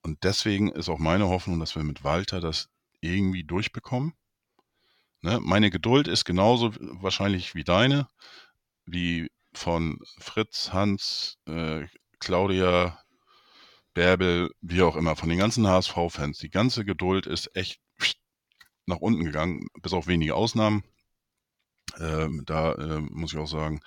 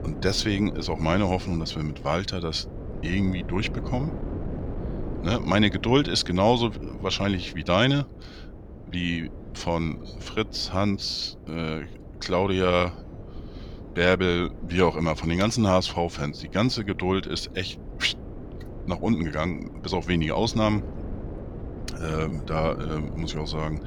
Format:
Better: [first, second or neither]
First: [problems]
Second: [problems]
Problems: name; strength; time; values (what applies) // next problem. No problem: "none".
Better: first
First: none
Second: wind noise on the microphone; occasional gusts; 15 dB below the speech